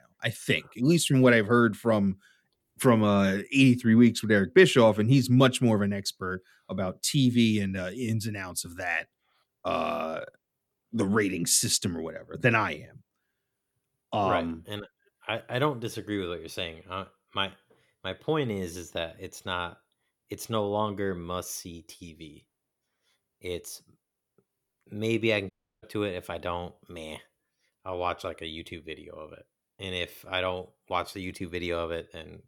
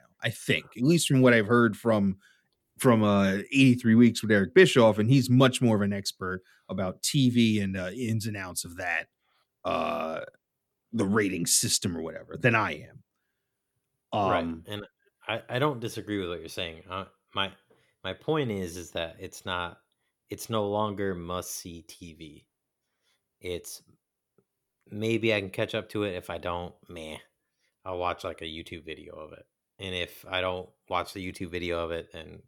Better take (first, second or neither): second